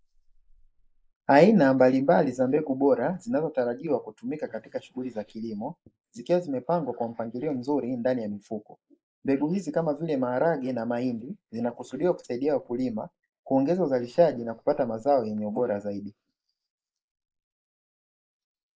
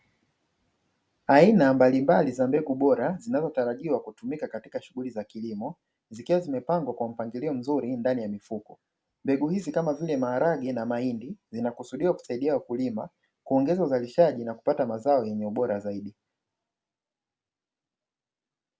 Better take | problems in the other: second | noise reduction (neural mask model Resemble Enhance denoiser)

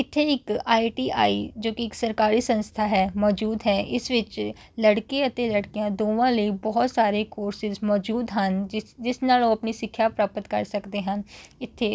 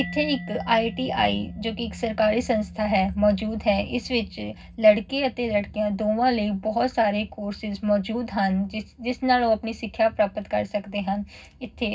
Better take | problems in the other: first | background sound (Mallet percussion); 19 dB below the speech // room echo; dies away in 0.4 s

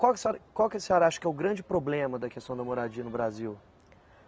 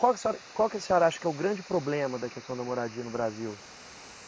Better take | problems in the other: first | noise reduction (neural mask model Resemble Enhance denoiser)

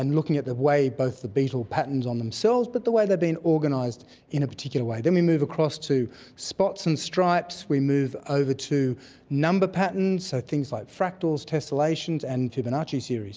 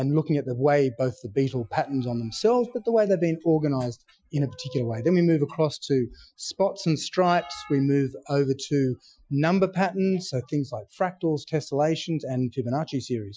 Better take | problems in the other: first | noise reduction (classical method Wiener filter)

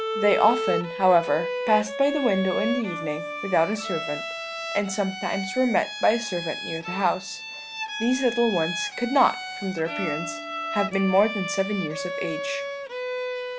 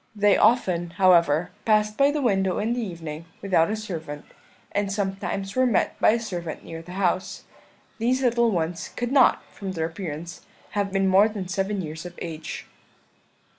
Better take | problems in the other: second | background sound (Bowed string instrument); 6 dB below the speech

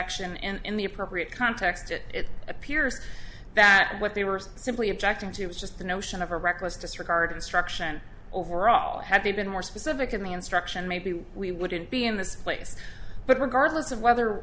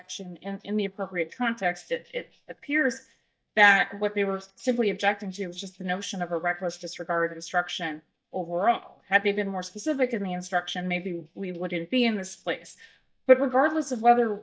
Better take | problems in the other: first | noise reduction (neural mask model DeepFilterNet 3)

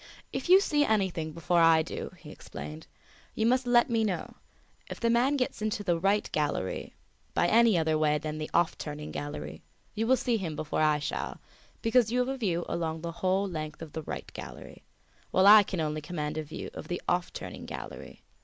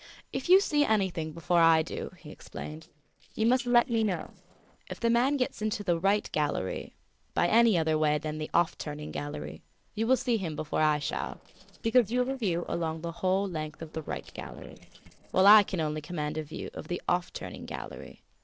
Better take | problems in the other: first | noise reduction (neural separator model SepFormer DNS4)

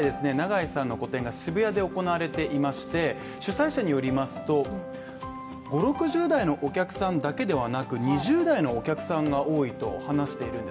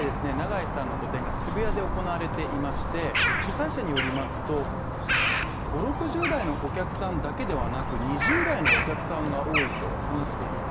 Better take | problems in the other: first | background sound (Bird vocalization, bird call, bird song); 3 dB above the speech

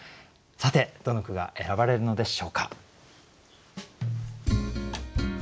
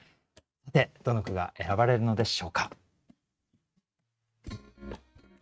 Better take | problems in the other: first | noise reduction (neural mask model RNNoise)

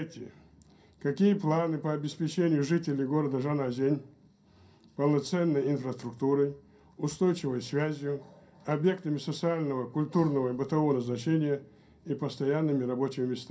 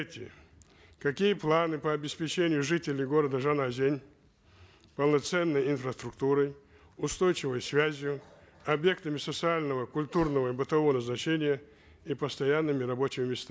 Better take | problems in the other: second | room echo; dies away in 0.3 s

